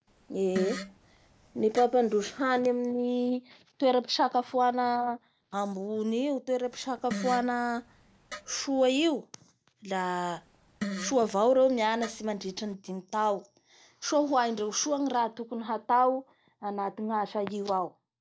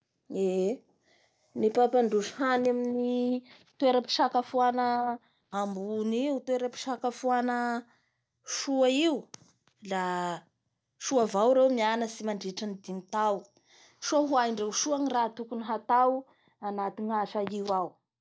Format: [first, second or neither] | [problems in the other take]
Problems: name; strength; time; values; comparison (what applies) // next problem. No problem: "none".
second | background sound (Fart); 12 dB below the speech